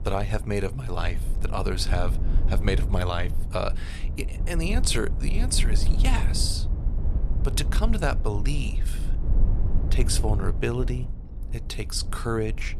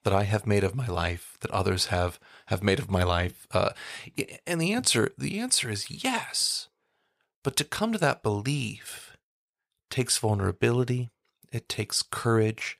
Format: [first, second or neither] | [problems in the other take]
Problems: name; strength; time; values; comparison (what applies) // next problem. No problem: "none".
second | low rumble; noticeable; throughout; 15 dB below the speech